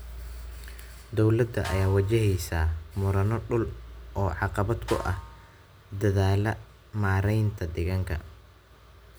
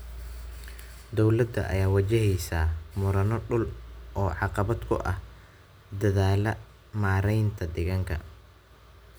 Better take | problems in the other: second | background sound (Snare drum); 19 dB below the speech

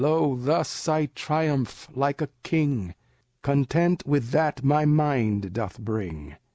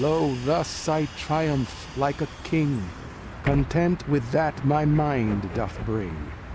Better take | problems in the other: first | background sound (Bus); 11 dB below the speech

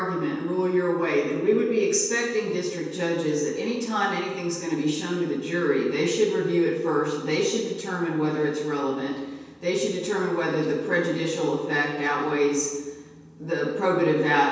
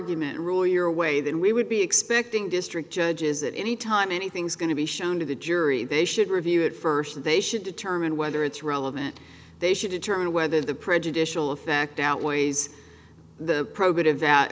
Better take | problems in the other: second | room echo; dies away in 1.2 s

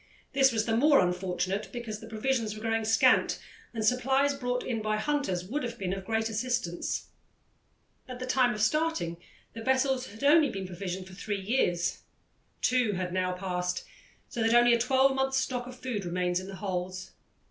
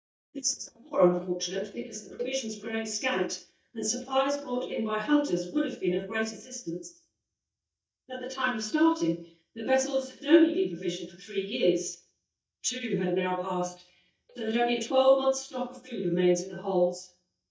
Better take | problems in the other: first | noise reduction (neural mask model DeepFilterNet 3)

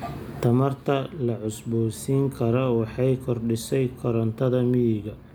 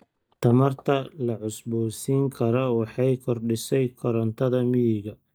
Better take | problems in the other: first | noise reduction (neural mask model DeepFilterNet 3)

